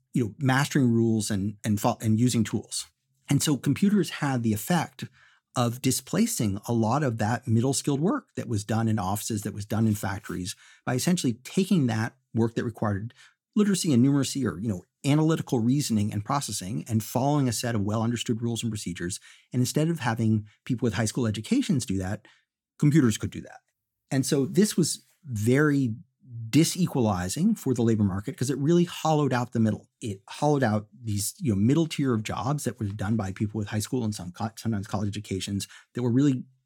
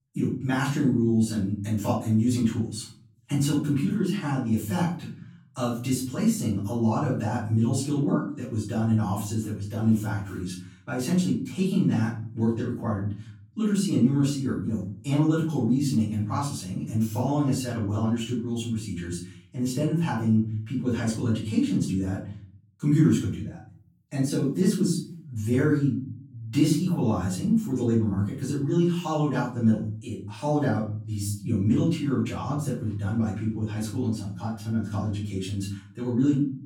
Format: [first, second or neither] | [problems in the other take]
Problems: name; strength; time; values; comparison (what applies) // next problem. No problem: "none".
first | off-mic speech; far // room echo; noticeable; dies away in 0.5 s